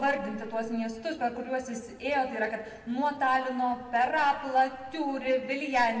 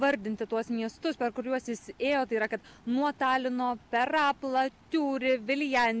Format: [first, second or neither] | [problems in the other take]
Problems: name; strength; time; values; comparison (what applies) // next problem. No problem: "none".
second | room echo; dies away in 1.5 s